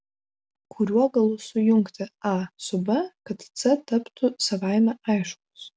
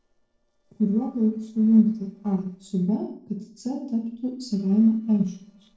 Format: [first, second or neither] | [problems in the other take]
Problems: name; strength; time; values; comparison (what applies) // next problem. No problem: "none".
first | noise reduction (neural separator model SepFormer DNS4)